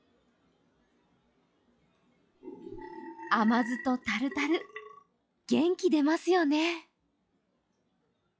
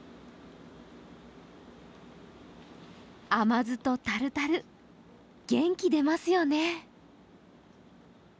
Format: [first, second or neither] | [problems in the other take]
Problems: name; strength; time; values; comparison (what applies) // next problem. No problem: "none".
second | noise reduction (classical method log-MMSE)